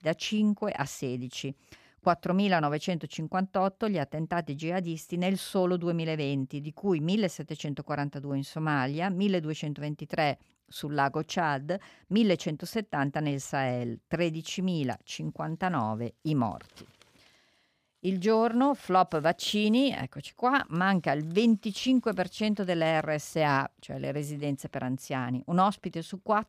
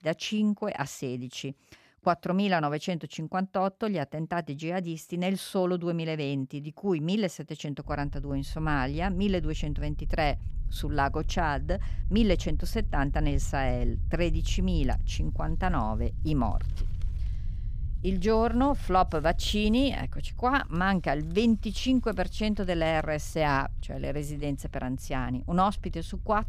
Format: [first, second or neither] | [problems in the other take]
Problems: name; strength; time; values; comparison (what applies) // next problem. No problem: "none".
first | low rumble; faint; from 8 s on; 25 dB below the speech